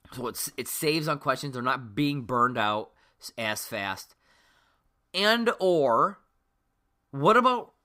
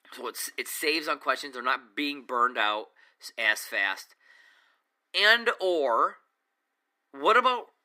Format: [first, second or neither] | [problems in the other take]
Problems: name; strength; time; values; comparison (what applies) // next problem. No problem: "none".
first | thin; somewhat; fading below 300 Hz